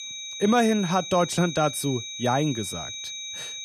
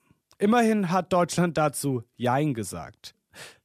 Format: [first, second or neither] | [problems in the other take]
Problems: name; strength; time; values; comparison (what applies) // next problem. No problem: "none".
second | high-pitched whine; loud; throughout; 4 kHz, 9 dB below the speech